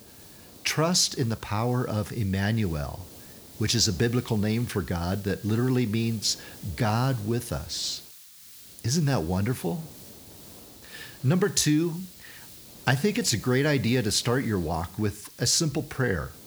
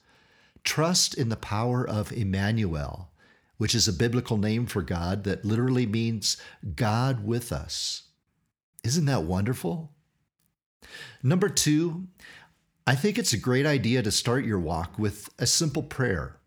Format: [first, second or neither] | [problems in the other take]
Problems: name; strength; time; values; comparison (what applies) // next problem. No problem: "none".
second | hiss; noticeable; throughout; 20 dB below the speech